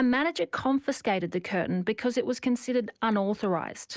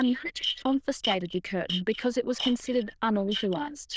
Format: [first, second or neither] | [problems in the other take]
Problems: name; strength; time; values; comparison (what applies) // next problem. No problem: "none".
first | noise reduction (neural diffusion model UNIVERSE++)